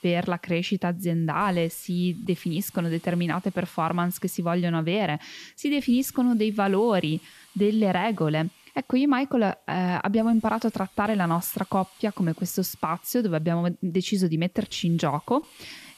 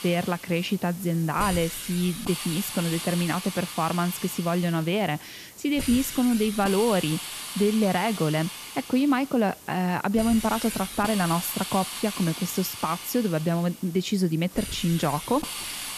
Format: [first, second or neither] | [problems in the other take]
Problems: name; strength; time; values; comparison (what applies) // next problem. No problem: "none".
first | hiss; loud; throughout; 9 dB below the speech; faint in the first